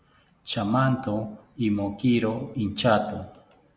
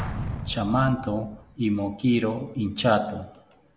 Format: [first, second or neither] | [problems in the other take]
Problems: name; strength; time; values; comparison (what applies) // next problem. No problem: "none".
first | background sound (Explosion); 12 dB below the speech